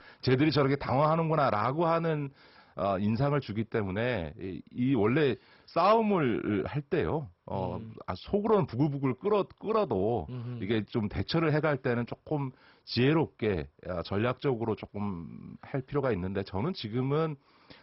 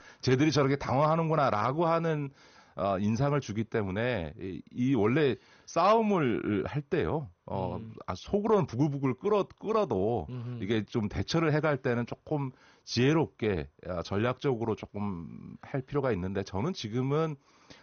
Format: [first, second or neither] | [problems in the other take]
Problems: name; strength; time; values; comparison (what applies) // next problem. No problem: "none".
second | garbled, watery; badly; nothing above 5.5 kHz; slightly in the second